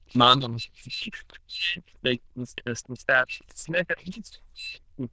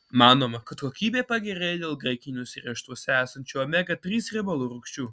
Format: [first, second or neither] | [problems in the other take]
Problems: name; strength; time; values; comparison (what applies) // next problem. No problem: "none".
second | noise reduction (neural diffusion model UNIVERSE++)